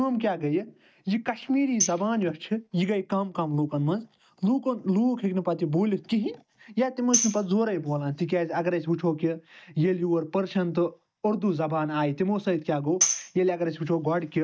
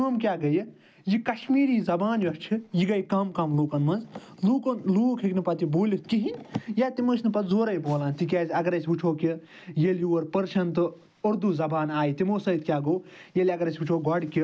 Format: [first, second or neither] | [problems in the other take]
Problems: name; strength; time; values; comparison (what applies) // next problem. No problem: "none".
second | noise reduction (neural mask model DeepFilterNet 3)